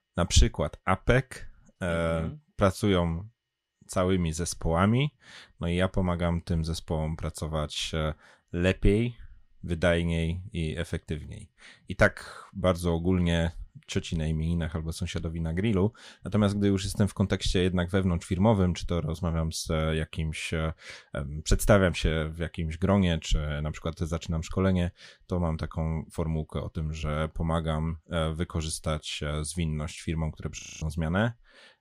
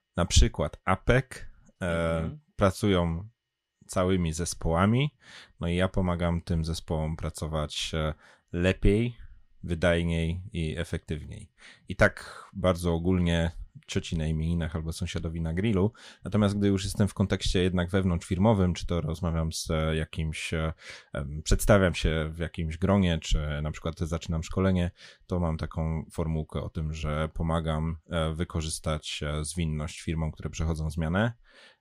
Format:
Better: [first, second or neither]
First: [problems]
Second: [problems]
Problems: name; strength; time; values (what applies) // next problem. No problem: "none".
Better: second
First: audio freezing; at 31 s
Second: none